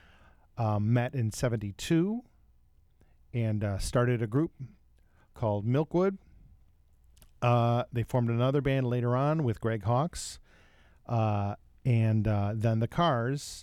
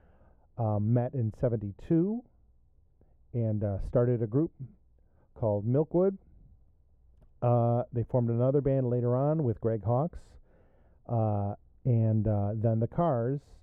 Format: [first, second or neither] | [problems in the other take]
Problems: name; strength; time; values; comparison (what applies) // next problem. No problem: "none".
first | muffled; very; fading above 2 kHz